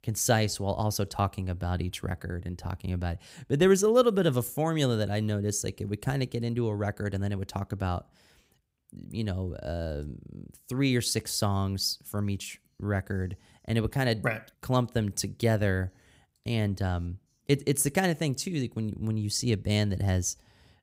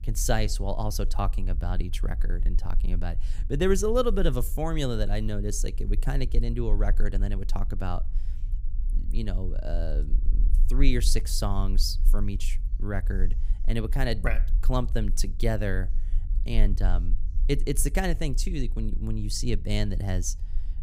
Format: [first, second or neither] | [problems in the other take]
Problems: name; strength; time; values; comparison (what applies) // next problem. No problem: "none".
first | low rumble; faint; throughout; 20 dB below the speech